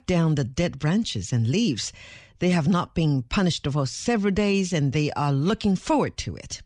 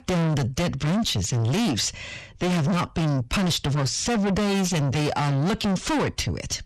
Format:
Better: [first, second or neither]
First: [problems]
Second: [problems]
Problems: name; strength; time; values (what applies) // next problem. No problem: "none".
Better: first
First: none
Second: distortion; heavy; 6 dB below the speech